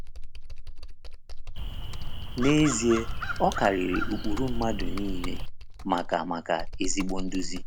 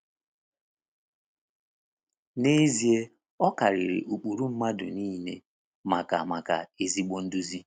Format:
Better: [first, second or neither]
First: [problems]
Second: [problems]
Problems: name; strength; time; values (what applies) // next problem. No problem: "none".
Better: second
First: background sound (Crow + Computer keyboard); 1 dB below the speech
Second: none